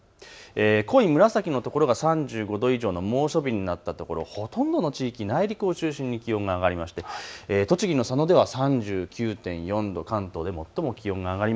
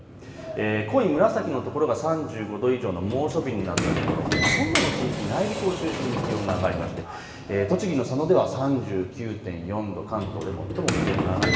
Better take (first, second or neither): first